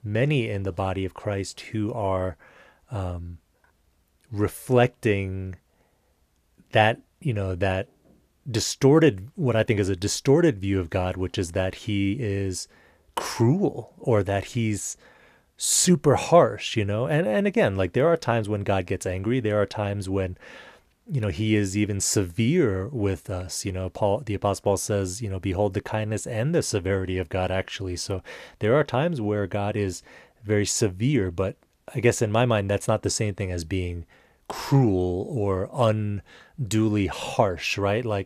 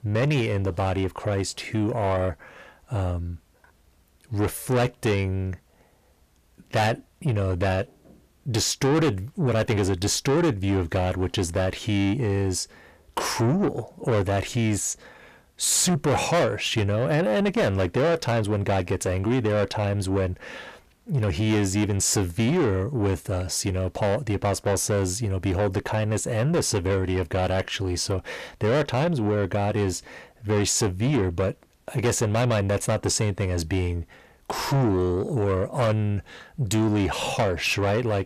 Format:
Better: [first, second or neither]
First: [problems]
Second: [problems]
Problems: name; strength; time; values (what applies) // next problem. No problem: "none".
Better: first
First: none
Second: distortion; heavy; 7 dB below the speech